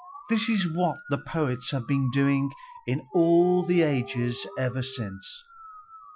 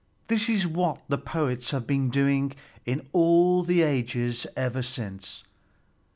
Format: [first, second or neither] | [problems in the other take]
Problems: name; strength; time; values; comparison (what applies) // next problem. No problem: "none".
second | noise reduction (classical method Wiener filter)